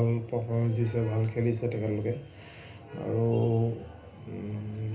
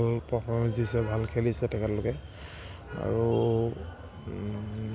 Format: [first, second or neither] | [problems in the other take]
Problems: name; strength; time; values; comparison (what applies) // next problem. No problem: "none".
second | room echo; dies away in 0.3 s